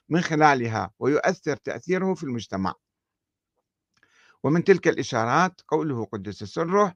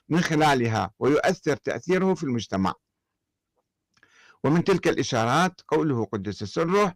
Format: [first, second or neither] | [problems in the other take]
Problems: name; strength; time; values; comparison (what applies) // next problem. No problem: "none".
first | distortion; heavy; 7% of the sound clipped